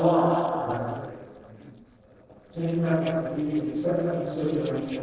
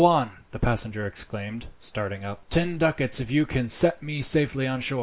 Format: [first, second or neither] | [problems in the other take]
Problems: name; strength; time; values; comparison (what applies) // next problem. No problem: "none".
second | noise reduction (neural separator model SepFormer DNS4)